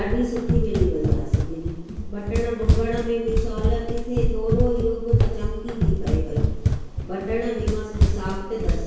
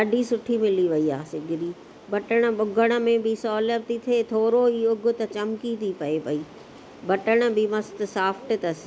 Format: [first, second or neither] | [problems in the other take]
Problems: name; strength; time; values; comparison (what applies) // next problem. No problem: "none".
second | background sound (Run); 5 dB above the speech // room echo; dies away in 1 s